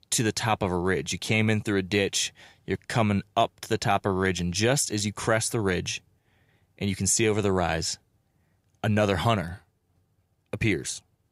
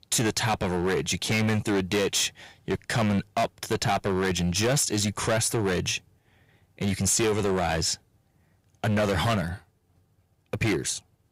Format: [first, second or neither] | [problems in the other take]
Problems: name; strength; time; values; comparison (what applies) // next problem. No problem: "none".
first | distortion; heavy; 13% of the sound clipped